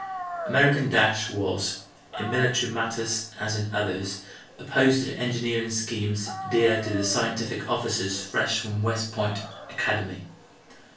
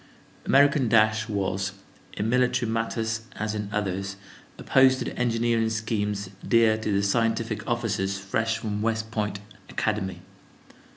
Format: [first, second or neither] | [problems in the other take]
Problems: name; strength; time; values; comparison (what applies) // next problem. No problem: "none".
second | background sound (Dog); 14 dB below the speech // room echo; dies away in 0.3 s